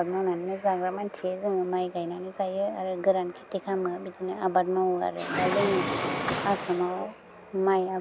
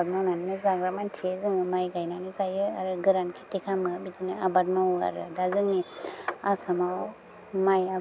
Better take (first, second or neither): second